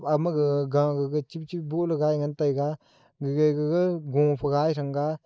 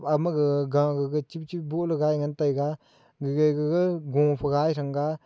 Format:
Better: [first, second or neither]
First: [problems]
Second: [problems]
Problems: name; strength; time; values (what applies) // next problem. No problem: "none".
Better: second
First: noise reduction (neural mask model Resemble Enhance denoiser)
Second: none